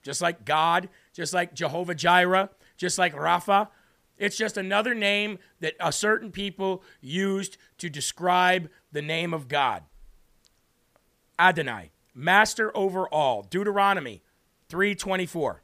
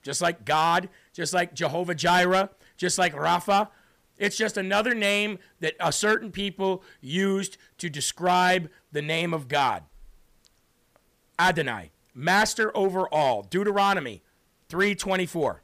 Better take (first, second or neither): first